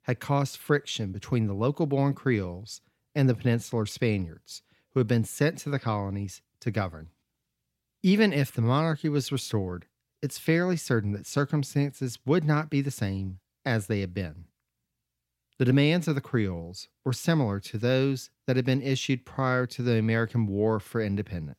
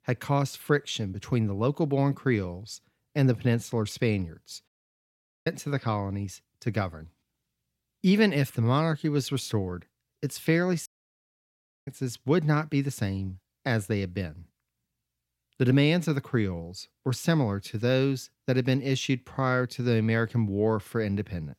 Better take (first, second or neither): first